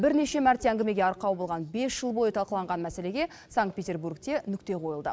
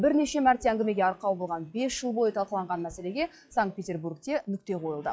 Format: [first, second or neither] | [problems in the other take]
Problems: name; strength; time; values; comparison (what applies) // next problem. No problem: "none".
first | noise reduction (classical method log-MMSE)